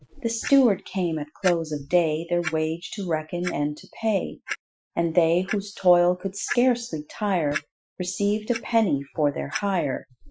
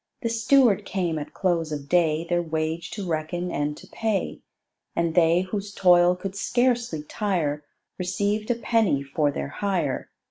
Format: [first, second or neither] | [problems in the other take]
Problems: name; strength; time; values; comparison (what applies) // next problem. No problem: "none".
second | noise reduction (classical method Wiener filter)